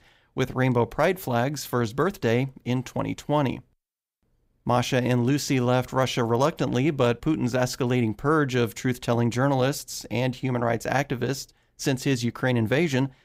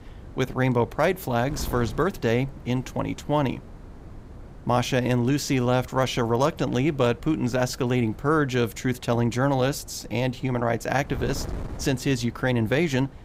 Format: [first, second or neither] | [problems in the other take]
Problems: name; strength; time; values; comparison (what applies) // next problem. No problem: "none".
first | wind noise on the microphone; occasional gusts; 20 dB below the speech